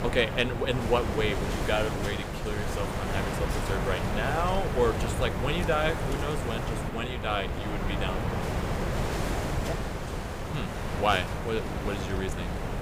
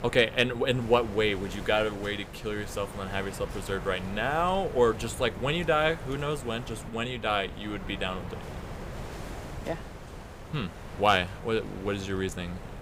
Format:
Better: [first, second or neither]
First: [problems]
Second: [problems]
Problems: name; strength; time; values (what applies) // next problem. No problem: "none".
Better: second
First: wind noise on the microphone; heavy; 3 dB below the speech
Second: wind noise on the microphone; occasional gusts; 15 dB below the speech